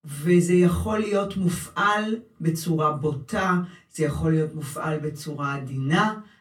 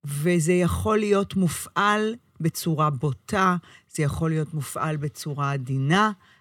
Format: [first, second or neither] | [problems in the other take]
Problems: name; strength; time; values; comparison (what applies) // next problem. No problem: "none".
second | off-mic speech; far // room echo; very slight; dies away in 0.2 s